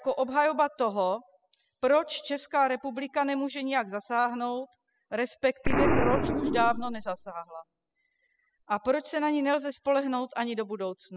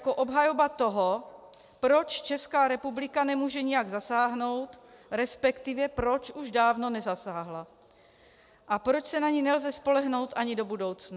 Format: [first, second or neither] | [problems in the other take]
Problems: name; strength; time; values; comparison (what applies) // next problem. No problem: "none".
second | noise reduction (classical method spectral subtraction)